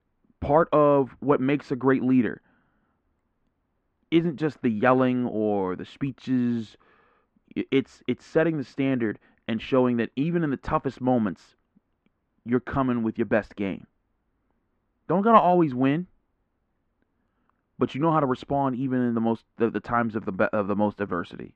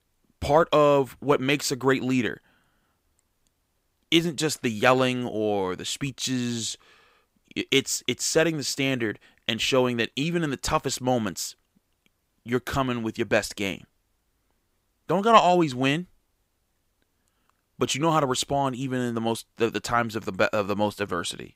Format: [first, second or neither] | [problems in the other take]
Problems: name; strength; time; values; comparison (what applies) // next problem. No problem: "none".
second | muffled; very; fading above 1.5 kHz